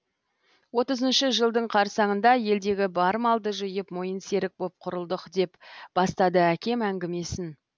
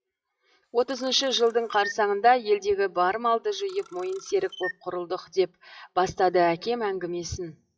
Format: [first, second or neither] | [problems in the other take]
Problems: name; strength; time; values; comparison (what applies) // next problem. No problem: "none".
first | noise reduction (classical method WPE with log-MMSE)